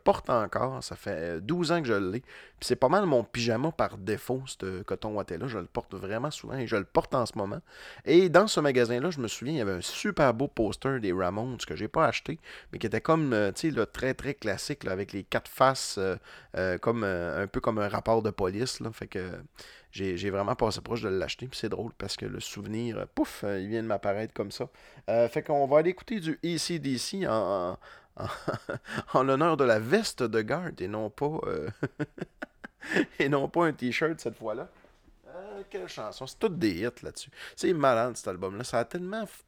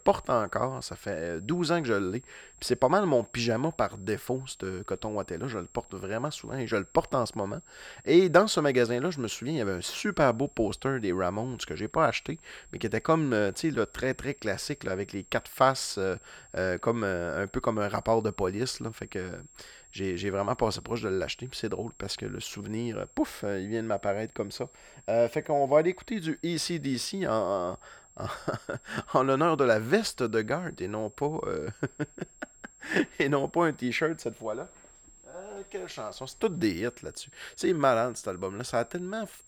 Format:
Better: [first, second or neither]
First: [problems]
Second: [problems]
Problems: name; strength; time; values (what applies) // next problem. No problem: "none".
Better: first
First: none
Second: high-pitched whine; faint; throughout; 7.5 kHz, 25 dB below the speech